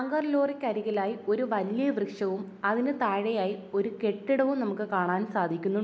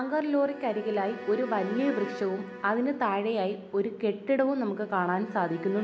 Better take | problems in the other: first | background sound (Bowed string instrument); 14 dB below the speech

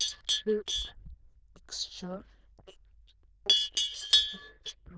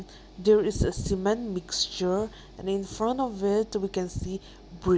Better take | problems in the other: second | noise reduction (neural diffusion model UNIVERSE++)

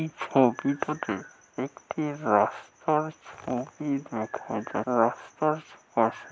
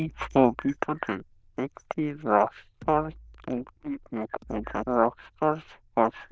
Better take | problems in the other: first | noise reduction (neural diffusion model UNIVERSE++)

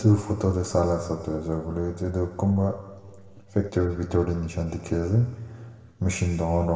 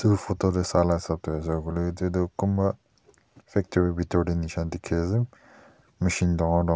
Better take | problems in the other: second | room echo; dies away in 2.3 s

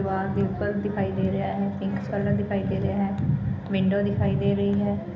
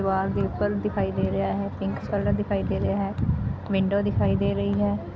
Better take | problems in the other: second | room echo; dies away in 0.8 s

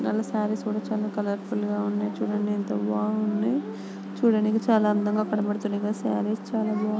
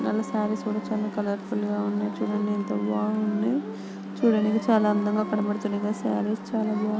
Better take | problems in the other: first | background sound (Applause / Crowd / Cheering + Piano); 18 dB below the speech

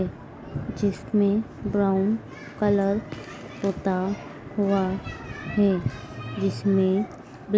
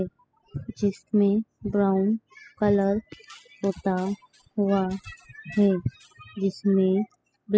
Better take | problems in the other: first | noise reduction (classical method spectral subtraction)

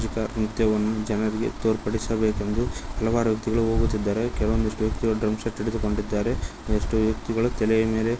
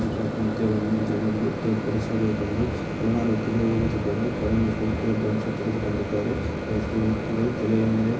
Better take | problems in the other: first | background sound (Microwave oven); 4 dB below the speech // room echo; dies away in 0.4 s

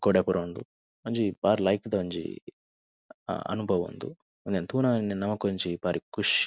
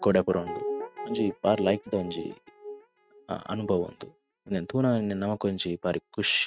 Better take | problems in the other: first | noise reduction (neural mask model RNNoise)

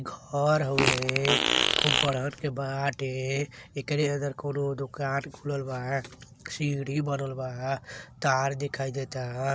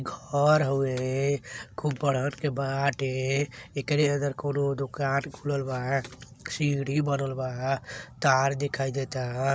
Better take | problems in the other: second | background sound (Fart); 3 dB above the speech

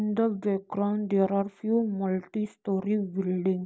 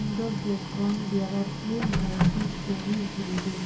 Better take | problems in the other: first | background sound (Printer); as loud as the speech // room echo; dies away in 0.3 s

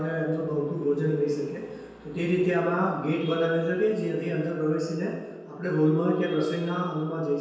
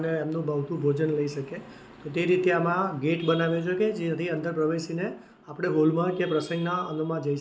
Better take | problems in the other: second | room echo; dies away in 1.2 s

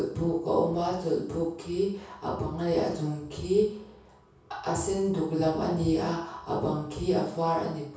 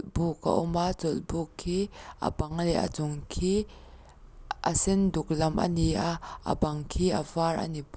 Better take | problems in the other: second | room echo; dies away in 0.6 s

